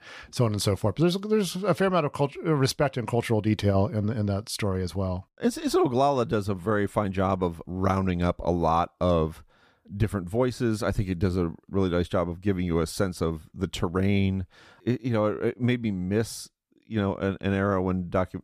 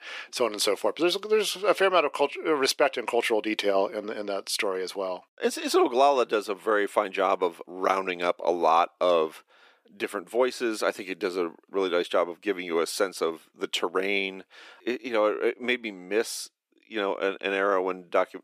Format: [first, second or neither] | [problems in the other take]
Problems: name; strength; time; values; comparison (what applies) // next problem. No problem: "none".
first | thin; very; fading below 350 Hz